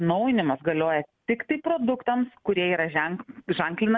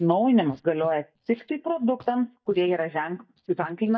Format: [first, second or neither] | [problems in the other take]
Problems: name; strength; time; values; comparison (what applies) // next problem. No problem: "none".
first | noise reduction (neural mask model DeepFilterNet 3)